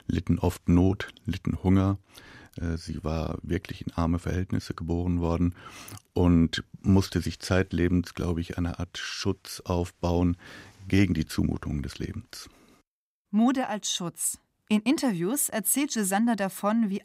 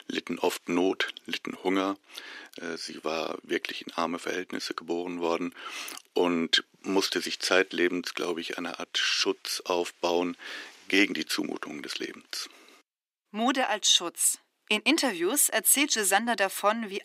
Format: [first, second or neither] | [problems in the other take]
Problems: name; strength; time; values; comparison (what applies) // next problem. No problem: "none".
first | thin; somewhat; fading below 350 Hz